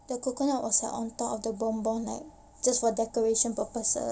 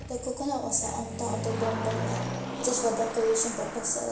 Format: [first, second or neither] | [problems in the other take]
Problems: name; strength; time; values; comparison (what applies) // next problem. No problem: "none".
first | background sound (Motor vehicle (road)); 5 dB below the speech // room echo; dies away in 0.7 s